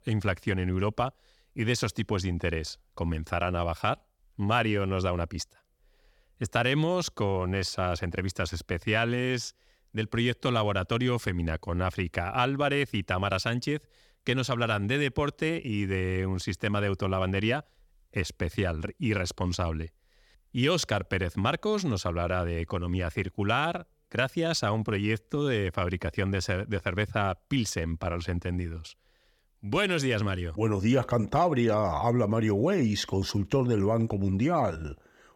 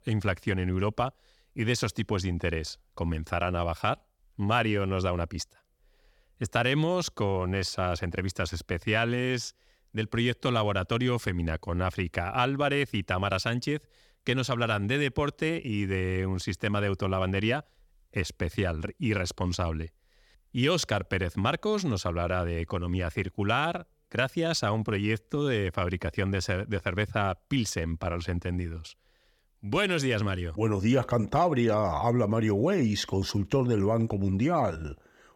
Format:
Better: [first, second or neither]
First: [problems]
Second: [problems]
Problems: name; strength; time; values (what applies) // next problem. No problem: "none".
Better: neither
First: none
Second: none